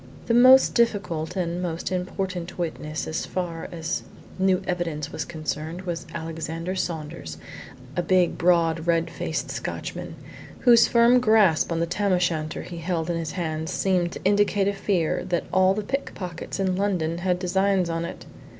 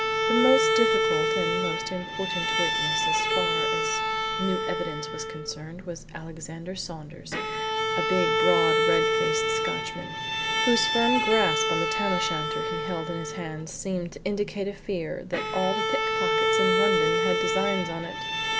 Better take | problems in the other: first | background sound (Bowed string instrument); 4 dB above the speech

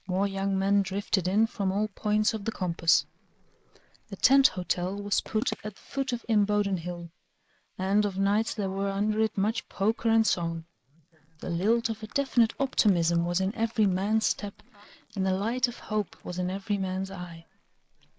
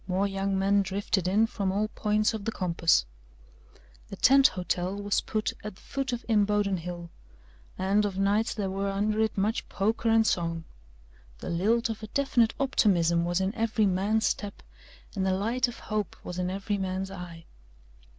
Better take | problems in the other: second | noise reduction (neural mask model Resemble Enhance denoiser)

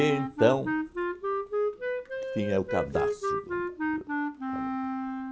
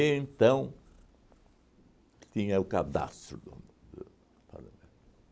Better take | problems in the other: second | background sound (Wind instrument, woodwind instrument); 1 dB above the speech

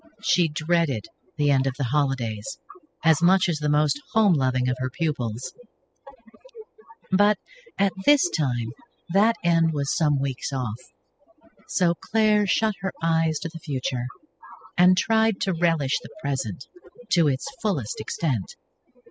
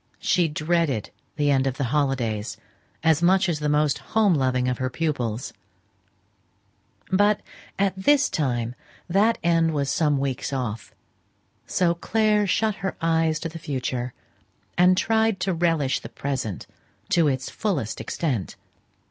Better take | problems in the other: second | noise reduction (classical method spectral subtraction)

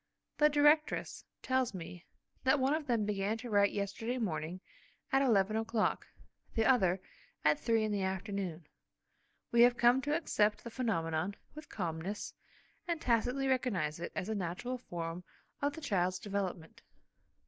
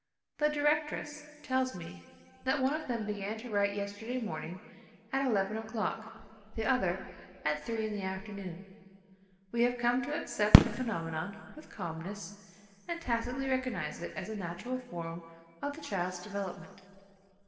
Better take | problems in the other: first | background sound (Fireworks); 3 dB above the speech // room echo; dies away in 2.1 s

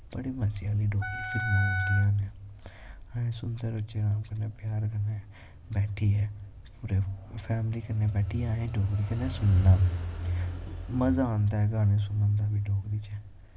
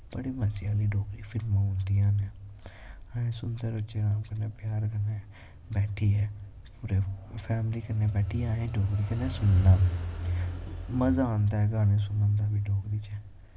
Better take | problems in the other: second | background sound (Wind instrument, woodwind instrument); 7 dB below the speech

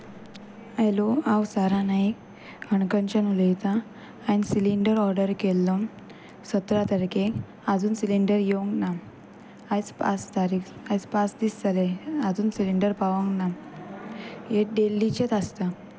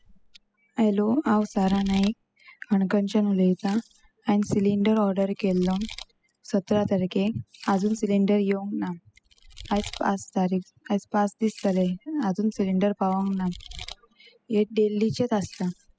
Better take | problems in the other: first | noise reduction (classical method spectral subtraction)

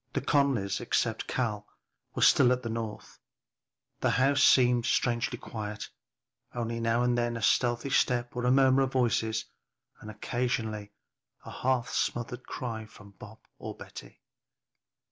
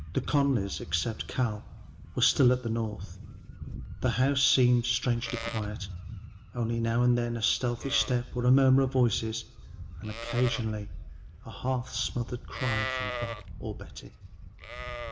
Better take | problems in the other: first | background sound (Livestock, farm animals, working animals); 10 dB below the speech // room echo; dies away in 1.1 s

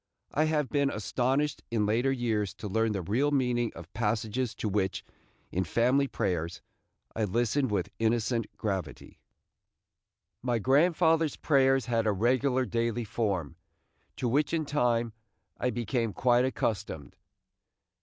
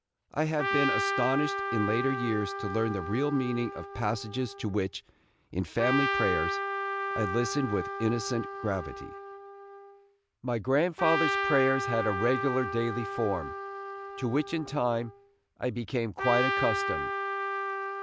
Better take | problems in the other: first | background sound (Trumpet); 3 dB below the speech

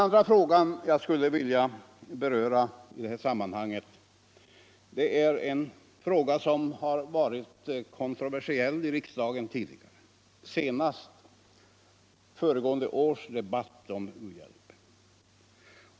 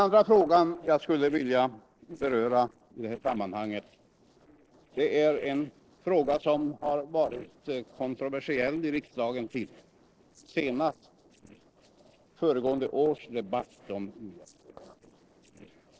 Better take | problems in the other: first | noise reduction (neural separator model SepFormer DNS4)

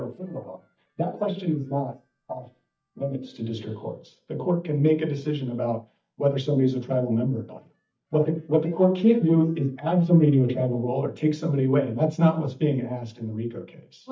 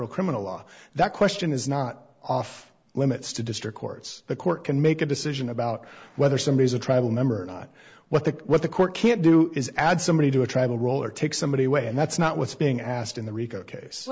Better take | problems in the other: second | noise reduction (neural mask model DeepFilterNet 3)

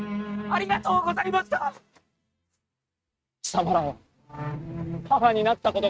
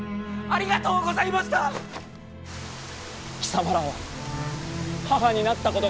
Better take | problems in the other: second | noise reduction (neural mask model RNNoise)

